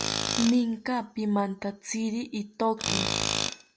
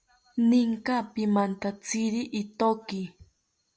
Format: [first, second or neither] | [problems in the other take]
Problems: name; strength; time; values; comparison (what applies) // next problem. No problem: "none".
second | background sound (Tools); 4 dB below the speech